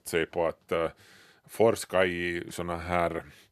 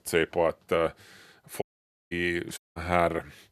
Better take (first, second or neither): first